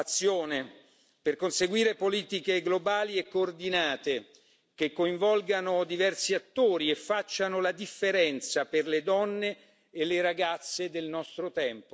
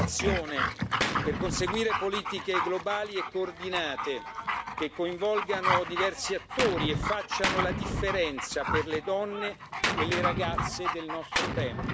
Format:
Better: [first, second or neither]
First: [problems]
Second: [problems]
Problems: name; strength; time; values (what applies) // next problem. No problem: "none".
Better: first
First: none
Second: background sound (Gunshot, gunfire + Dog); as loud as the speech